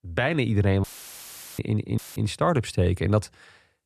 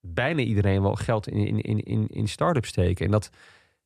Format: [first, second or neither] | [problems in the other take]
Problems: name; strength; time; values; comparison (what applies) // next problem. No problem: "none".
second | audio cutting out; filled with static; at 1 s for 1 s and at 2 s